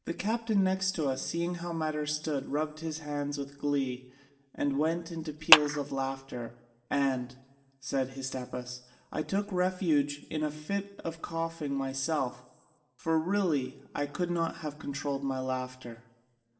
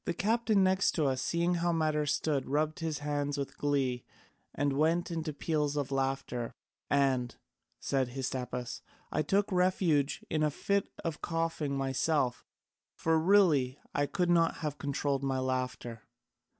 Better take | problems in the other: second | background sound (Clapping); 4 dB above the speech // room echo; dies away in 0.8 s

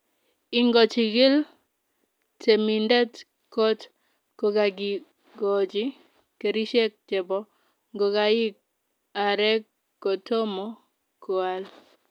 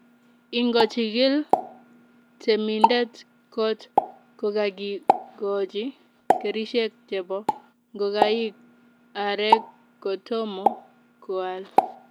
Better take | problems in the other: first | background sound (Explosion); 1 dB below the speech

